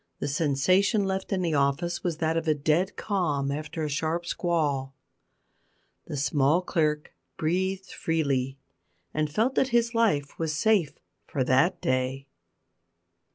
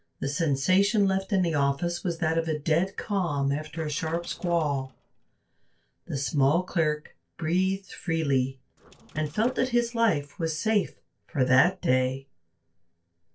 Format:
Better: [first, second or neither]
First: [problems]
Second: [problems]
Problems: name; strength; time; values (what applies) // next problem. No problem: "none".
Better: first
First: none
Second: noise reduction (neural separator model SepFormer DNS4)